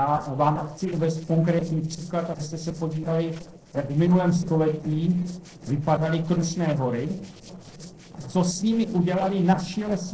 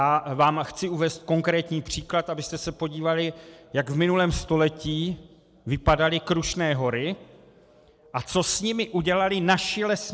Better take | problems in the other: second | noise reduction (neural separator model SepFormer DNS4)

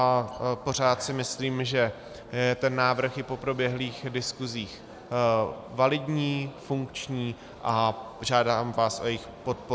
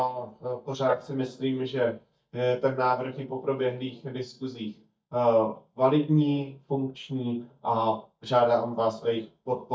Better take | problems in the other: first | noise reduction (neural mask model DeepFilterNet 3)

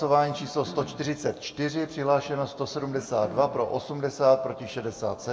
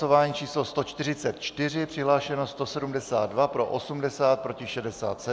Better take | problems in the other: second | background sound (Cough); 18 dB below the speech // room echo; dies away in 0.6 s

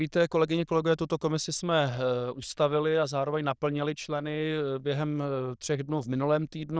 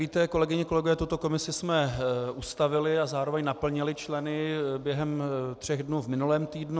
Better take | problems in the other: second | noise reduction (neural diffusion model UNIVERSE++)

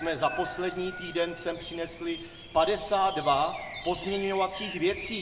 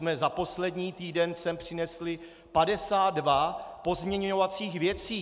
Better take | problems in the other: second | background sound (Bird vocalization, bird call, bird song); 12 dB below the speech // room echo; dies away in 0.8 s

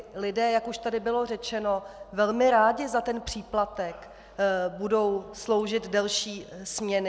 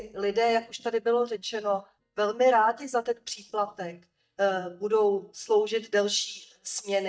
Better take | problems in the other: first | noise reduction (neural mask model DeepFilterNet 3)

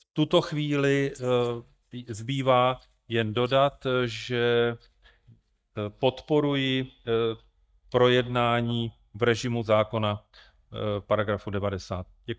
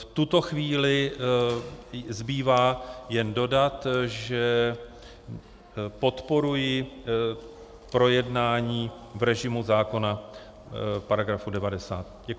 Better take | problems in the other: second | noise reduction (neural mask model DeepFilterNet 3)

